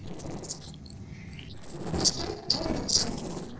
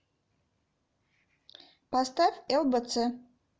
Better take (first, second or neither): second